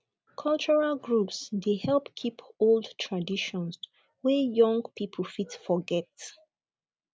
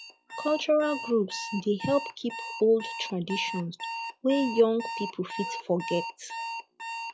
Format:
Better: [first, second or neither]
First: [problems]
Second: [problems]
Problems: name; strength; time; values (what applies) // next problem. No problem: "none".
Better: first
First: none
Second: noise reduction (classical method log-MMSE)